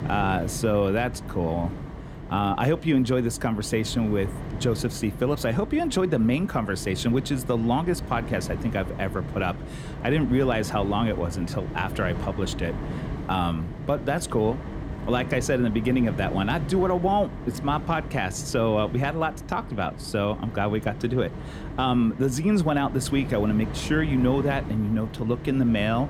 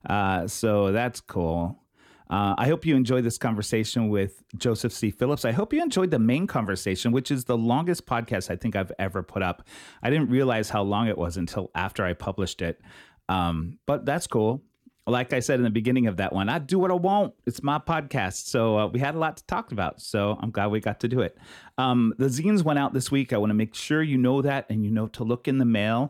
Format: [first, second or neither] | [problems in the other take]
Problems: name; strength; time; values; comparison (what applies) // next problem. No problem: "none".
second | wind noise on the microphone; occasional gusts; 15 dB below the speech